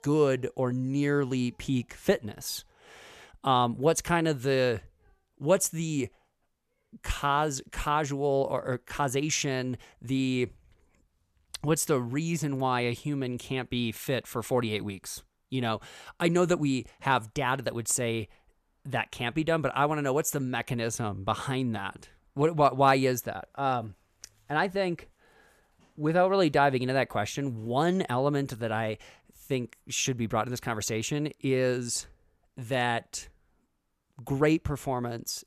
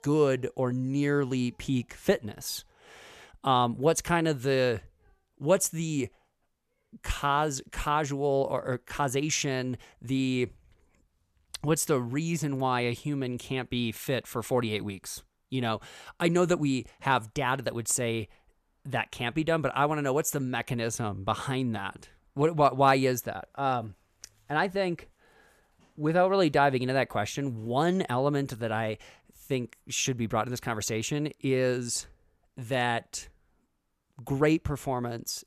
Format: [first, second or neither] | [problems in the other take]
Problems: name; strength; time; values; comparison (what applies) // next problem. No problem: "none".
neither | none